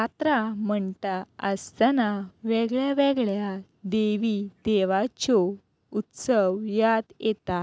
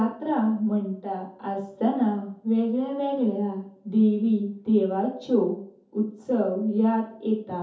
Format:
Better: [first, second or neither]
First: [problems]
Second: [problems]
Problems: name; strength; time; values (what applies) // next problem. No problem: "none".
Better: first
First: none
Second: room echo; dies away in 0.5 s